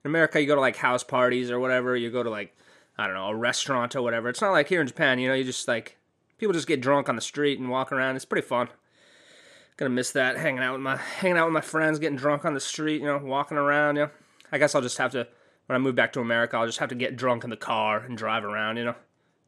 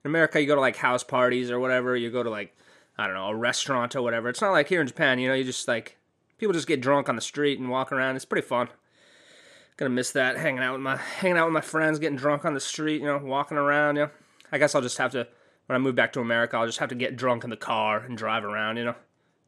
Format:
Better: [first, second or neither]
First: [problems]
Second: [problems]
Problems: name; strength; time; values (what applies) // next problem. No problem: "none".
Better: neither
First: none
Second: none